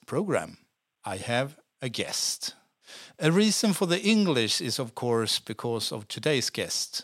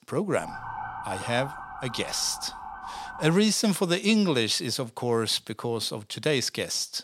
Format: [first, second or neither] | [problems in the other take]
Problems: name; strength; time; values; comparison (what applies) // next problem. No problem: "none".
first | siren; noticeable; until 3.5 s; peak 9 dB below the speech